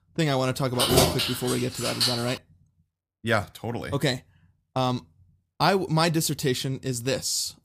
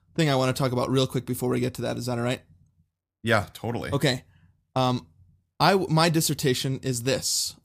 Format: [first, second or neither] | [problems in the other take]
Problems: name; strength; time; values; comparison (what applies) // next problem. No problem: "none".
second | jangling keys; loud; from 1 to 2.5 s; peak 6 dB above the speech